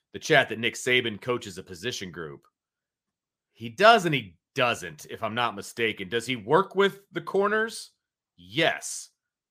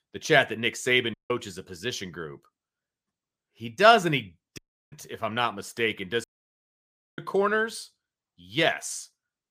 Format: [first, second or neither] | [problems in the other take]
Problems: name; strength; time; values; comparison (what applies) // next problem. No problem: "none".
first | audio cutting out; at 1 s, at 4.5 s and at 6 s for 1 s